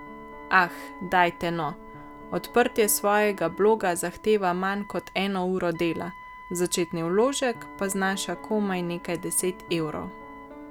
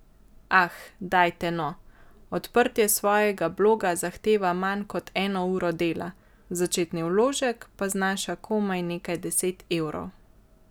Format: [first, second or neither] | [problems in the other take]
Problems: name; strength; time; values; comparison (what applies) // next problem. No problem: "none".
second | background sound (Piano + Wind instrument, woodwind instrument); 17 dB below the speech